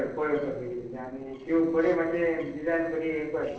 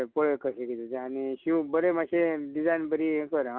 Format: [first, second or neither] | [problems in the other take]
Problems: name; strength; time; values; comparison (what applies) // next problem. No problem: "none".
second | noise reduction (neural separator model SepFormer DNS4)